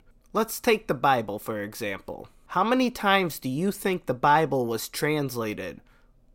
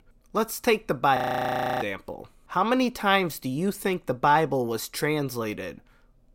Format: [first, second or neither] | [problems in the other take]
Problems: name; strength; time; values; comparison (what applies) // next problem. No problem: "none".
first | audio freezing; at 1 s for 0.5 s